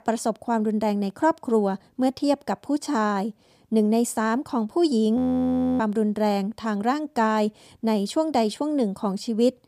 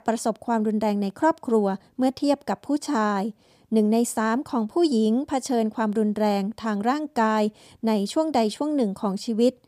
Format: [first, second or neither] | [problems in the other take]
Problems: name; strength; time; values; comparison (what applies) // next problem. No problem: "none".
second | audio freezing; at 5 s for 0.5 s